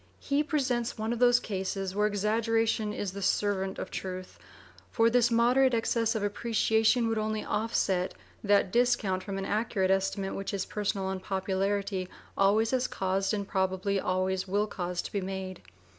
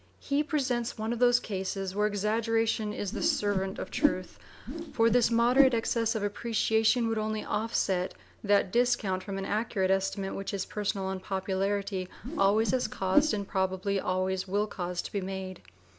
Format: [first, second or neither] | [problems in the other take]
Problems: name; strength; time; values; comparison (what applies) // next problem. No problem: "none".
first | background sound (Whoosh, swoosh, swish); 3 dB below the speech